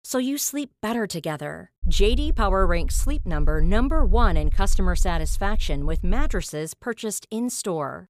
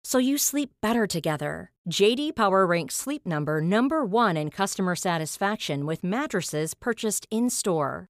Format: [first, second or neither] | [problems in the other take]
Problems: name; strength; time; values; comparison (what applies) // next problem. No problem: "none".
second | low rumble; faint; from 2 to 6.5 s; 25 dB below the speech